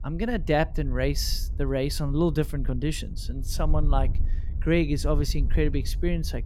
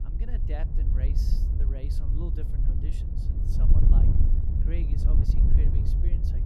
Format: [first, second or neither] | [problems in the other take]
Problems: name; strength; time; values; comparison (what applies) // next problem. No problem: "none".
first | wind noise on the microphone; heavy; 4 dB above the speech; occasional gusts in the first